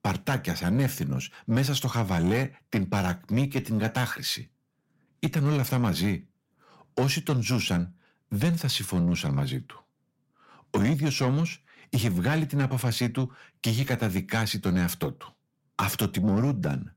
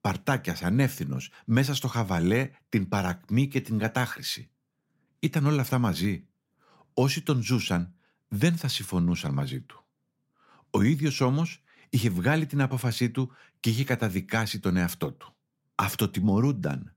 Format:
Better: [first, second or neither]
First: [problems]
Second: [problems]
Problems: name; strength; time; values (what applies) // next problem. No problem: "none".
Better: second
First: distortion; slight; 10 dB below the speech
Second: none